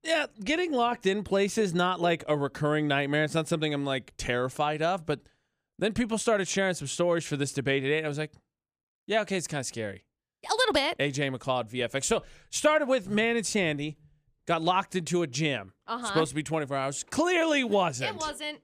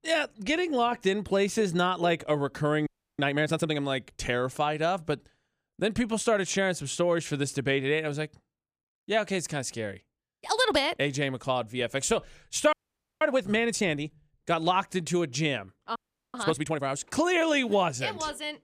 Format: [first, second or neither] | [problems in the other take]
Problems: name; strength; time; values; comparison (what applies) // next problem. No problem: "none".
first | audio freezing; at 3 s, at 13 s and at 16 s